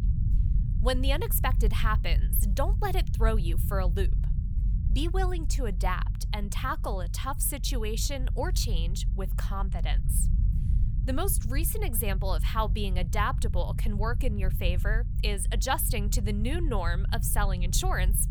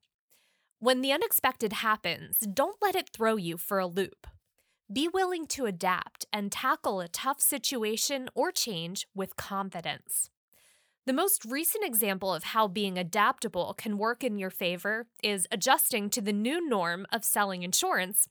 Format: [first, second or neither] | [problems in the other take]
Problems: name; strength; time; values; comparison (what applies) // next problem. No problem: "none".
second | low rumble; noticeable; throughout; 15 dB below the speech